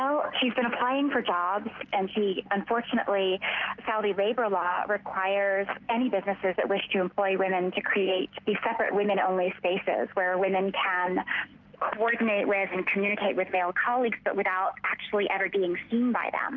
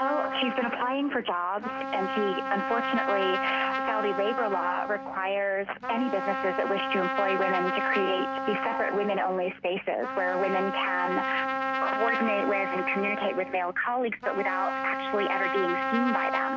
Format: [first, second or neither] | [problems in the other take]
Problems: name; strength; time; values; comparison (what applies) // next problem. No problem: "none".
first | background sound (Trumpet); 2 dB below the speech